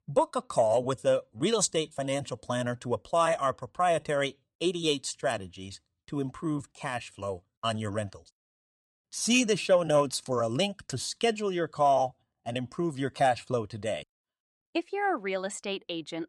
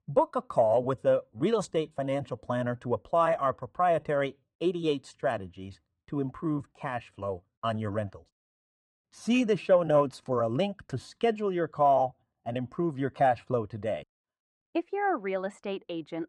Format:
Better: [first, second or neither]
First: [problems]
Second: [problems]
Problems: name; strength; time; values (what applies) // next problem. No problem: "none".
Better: first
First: none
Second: muffled; very; fading above 3 kHz